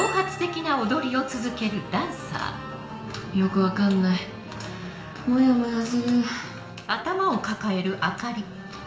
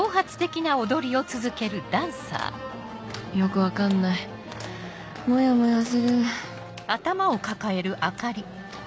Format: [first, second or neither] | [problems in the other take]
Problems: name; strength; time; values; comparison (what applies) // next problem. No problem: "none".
second | background sound (Bell); 17 dB below the speech // room echo; dies away in 1.6 s